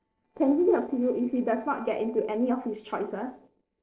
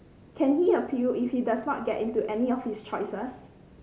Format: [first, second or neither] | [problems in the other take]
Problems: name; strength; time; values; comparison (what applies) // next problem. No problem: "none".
second | noise reduction (neural separator model SepFormer DNS4)